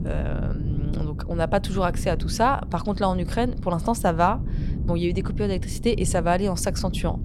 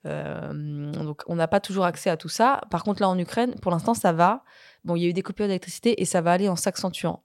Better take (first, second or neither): second